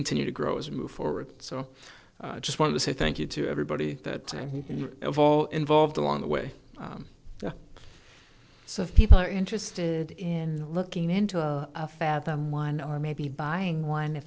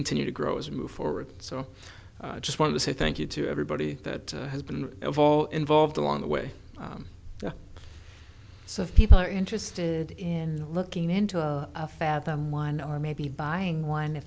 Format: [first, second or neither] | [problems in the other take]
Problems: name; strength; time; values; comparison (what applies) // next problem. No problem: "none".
second | noise reduction (neural separator model SepFormer DNS4)